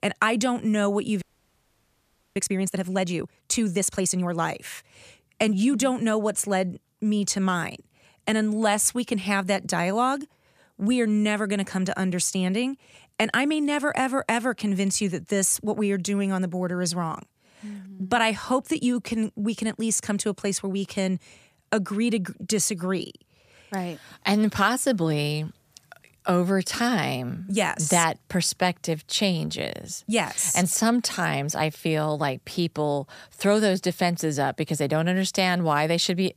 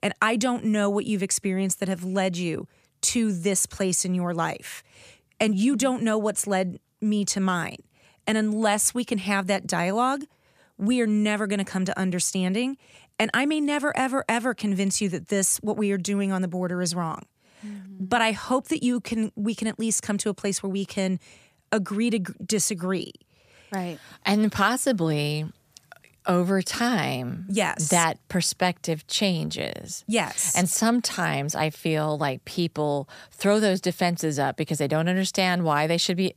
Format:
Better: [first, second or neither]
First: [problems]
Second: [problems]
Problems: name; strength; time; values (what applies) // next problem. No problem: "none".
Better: second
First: audio freezing; at 1 s for 1 s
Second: none